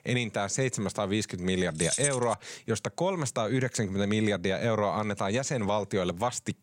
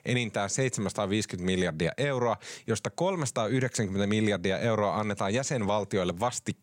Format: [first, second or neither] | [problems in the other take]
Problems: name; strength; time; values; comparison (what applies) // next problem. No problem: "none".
second | jangling keys; loud; at 2 s; peak 1 dB above the speech